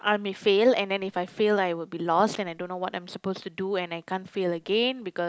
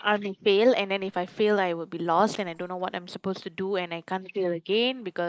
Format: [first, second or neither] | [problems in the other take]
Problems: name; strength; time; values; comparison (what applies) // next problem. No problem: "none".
first | noise reduction (neural mask model Resemble Enhance denoiser)